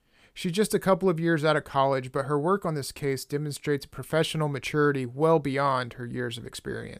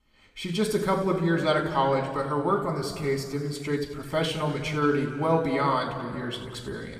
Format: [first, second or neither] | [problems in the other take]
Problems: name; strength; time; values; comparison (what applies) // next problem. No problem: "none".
first | room echo; noticeable; dies away in 2 s // off-mic speech; somewhat distant